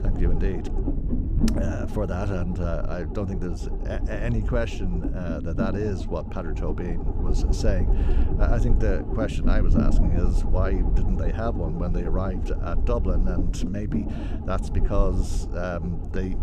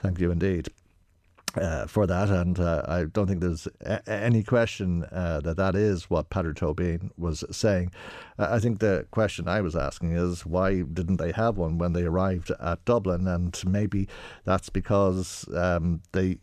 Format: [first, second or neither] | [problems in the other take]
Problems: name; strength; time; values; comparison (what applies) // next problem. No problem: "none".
second | low rumble; loud; throughout; 5 dB below the speech